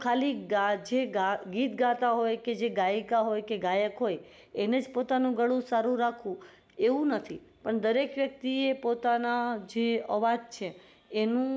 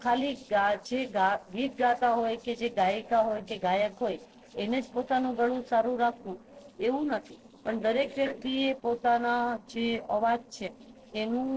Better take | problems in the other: first | noise reduction (neural separator model SepFormer DNS4)

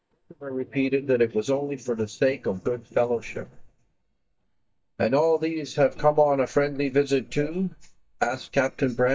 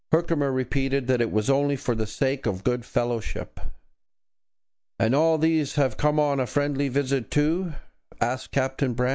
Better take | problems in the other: second | noise reduction (neural mask model DeepFilterNet 3)

